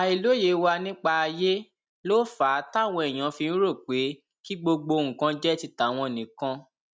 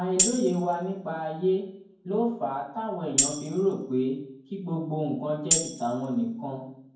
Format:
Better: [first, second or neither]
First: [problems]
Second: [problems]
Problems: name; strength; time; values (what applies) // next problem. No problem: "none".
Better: first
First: none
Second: background sound (Tambourine); as loud as the speech // room echo; dies away in 0.9 s